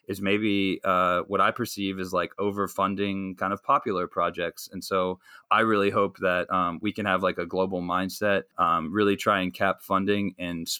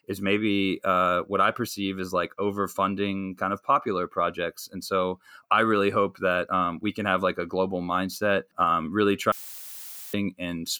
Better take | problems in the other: first | audio cutting out; filled with static; at 9.5 s for 1 s

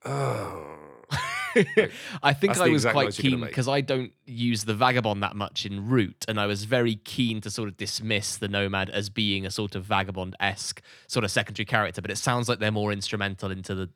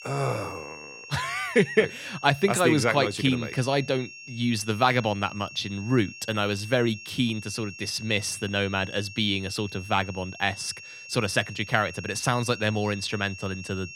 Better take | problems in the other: first | high-pitched whine; noticeable; throughout; 2.5 kHz, 15 dB below the speech

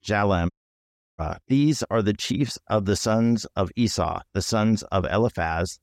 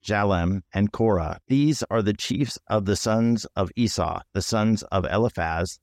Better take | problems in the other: second | audio cutting out; at 0.5 s for 0.5 s

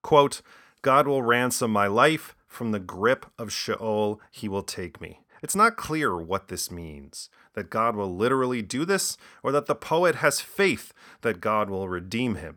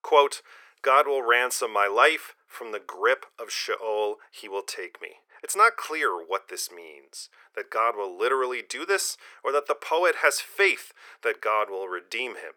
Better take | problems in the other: first | thin; very; fading below 400 Hz

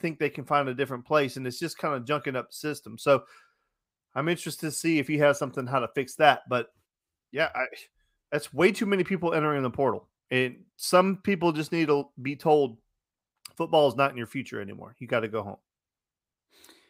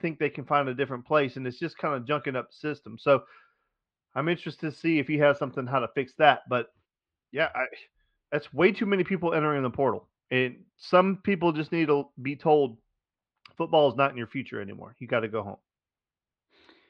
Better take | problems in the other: first | muffled; slightly; fading above 3.5 kHz

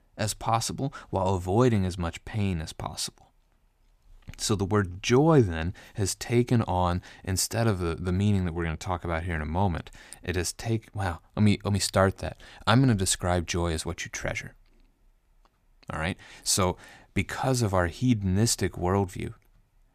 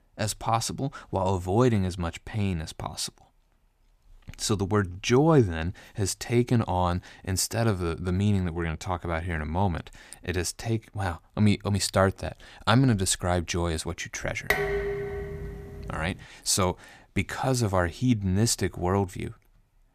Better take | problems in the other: first | clattering dishes; loud; from 15 to 16 s; peak 1 dB above the speech

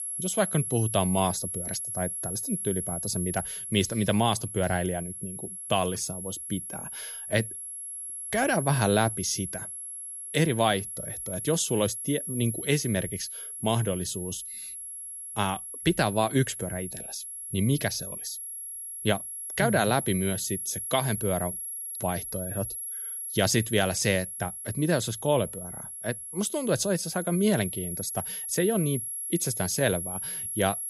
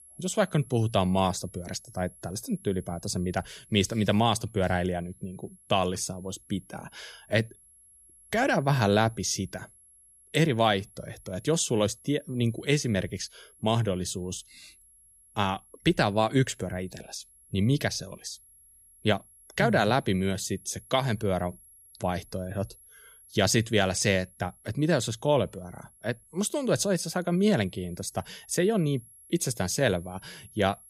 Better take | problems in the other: second | high-pitched whine; loud; throughout; 11 kHz, 5 dB below the speech; faint in the second

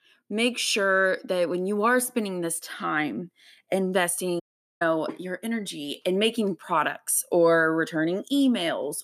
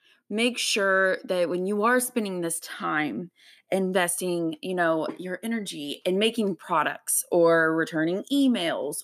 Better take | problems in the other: second | audio cutting out; at 4.5 s

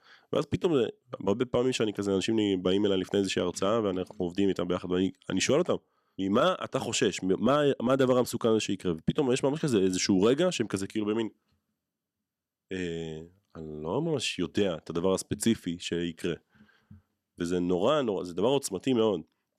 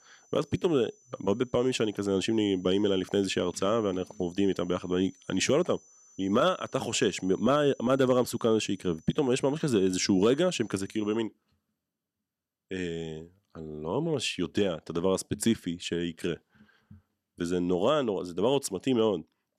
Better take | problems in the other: first | high-pitched whine; faint; until 11 s; 6 kHz, 30 dB below the speech

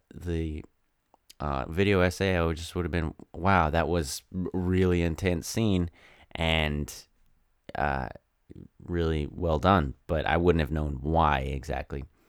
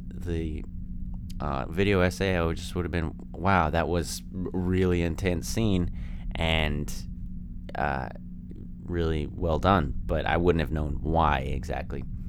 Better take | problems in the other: first | low rumble; faint; throughout; 25 dB below the speech

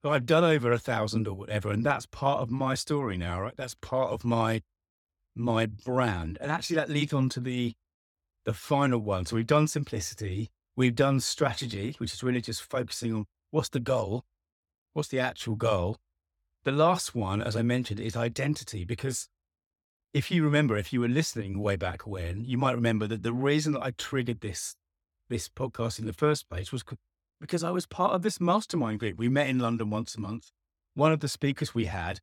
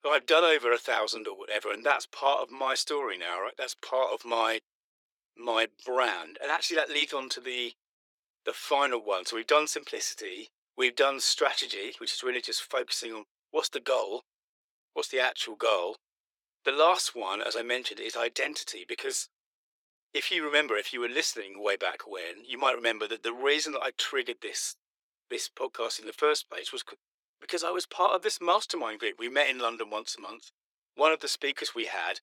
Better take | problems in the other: first | thin; very; fading below 350 Hz

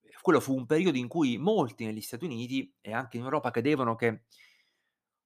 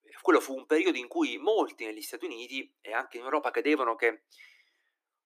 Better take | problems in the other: first | thin; somewhat; fading below 300 Hz

